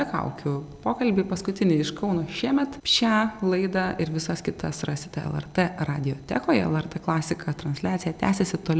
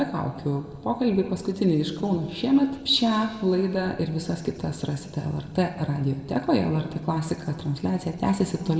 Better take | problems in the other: first | room echo; dies away in 1.3 s

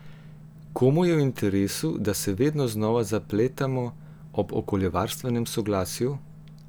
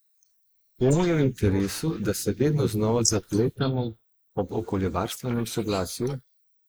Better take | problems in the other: first | noise reduction (neural mask model Resemble Enhance denoiser)

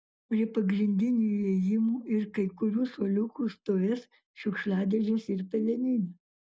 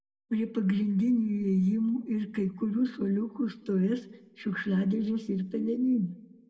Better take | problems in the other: first | room echo; dies away in 1 s

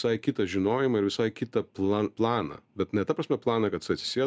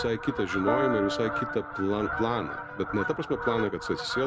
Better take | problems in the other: first | background sound (Piano + Fowl); 3 dB below the speech

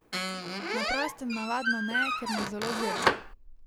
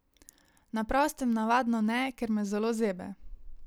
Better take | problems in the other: second | background sound (Squeak); 4 dB above the speech

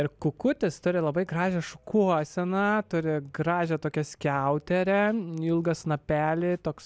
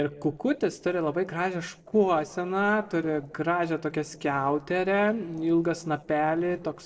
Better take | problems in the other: first | noise reduction (neural separator model SepFormer DNS4)

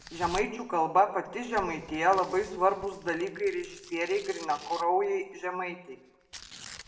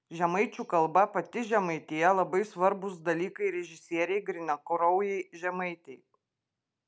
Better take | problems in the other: second | background sound (Tearing); 18 dB below the speech // room echo; dies away in 0.8 s

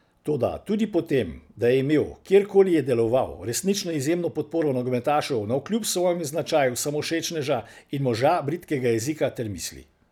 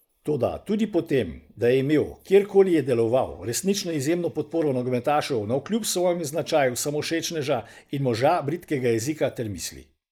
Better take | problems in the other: first | noise reduction (neural mask model Resemble Enhance denoiser)

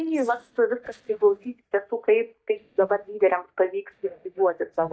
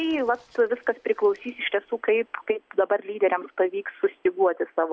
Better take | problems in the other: second | noise reduction (neural mask model DeepFilterNet 3)

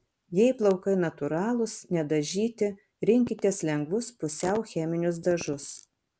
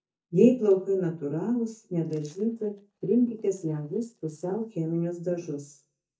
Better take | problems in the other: first | noise reduction (neural mask model DeepFilterNet 3)

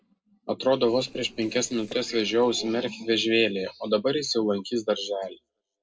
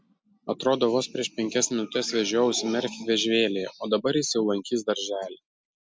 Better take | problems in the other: second | noise reduction (neural separator model SepFormer DNS4)

